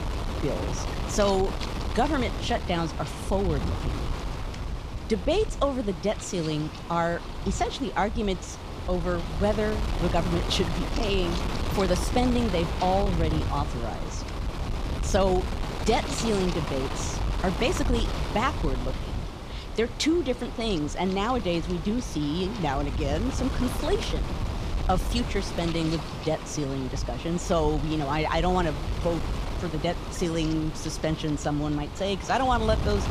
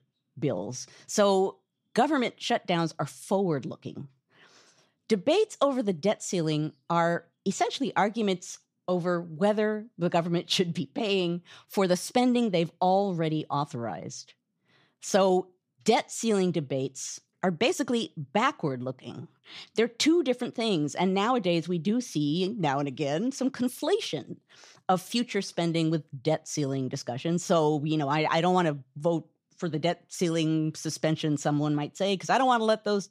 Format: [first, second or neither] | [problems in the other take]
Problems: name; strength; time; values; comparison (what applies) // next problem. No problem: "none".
second | wind noise on the microphone; heavy; 7 dB below the speech